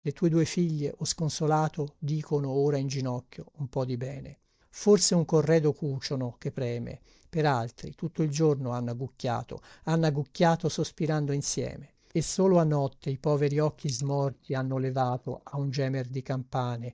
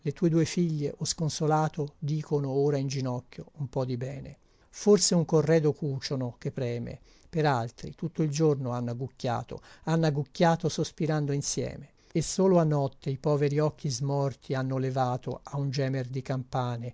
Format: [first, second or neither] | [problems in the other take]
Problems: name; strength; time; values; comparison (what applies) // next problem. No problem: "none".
second | noise reduction (neural mask model DeepFilterNet 3)